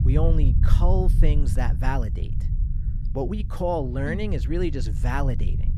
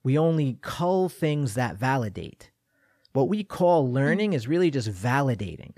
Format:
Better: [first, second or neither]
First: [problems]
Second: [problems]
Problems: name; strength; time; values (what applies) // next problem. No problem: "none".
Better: second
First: low rumble; noticeable; throughout; 10 dB below the speech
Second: none